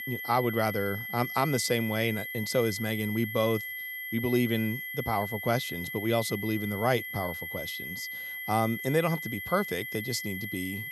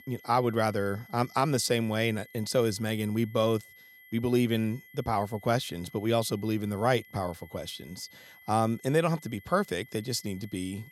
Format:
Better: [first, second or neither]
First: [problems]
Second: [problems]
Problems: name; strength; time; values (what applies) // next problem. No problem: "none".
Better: second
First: high-pitched whine; loud; throughout; 2 kHz, 5 dB below the speech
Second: high-pitched whine; faint; throughout; 2 kHz, 25 dB below the speech